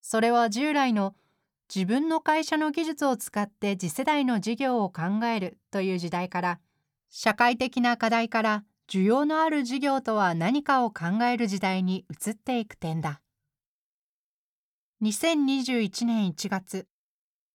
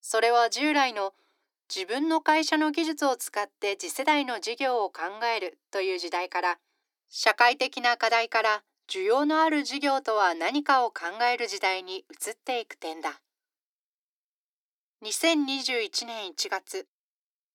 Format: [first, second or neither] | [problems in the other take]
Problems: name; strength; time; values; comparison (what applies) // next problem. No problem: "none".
first | thin; somewhat; fading below 300 Hz